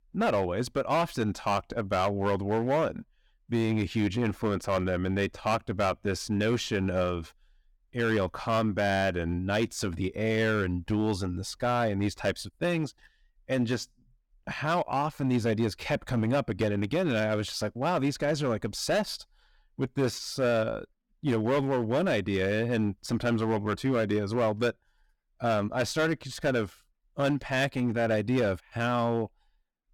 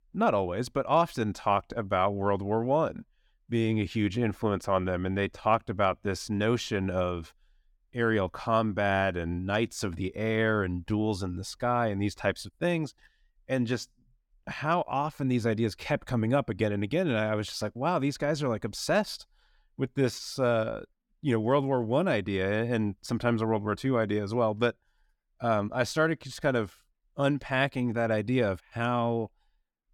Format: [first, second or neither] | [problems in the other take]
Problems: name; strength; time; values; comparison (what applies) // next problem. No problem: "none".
second | distortion; slight; 7% of the sound clipped